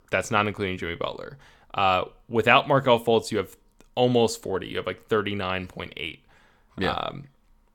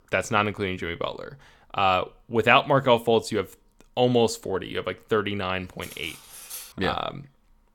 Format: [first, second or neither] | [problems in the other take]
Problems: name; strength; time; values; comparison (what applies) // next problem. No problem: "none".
first | clattering dishes; faint; at 6 s; peak 10 dB below the speech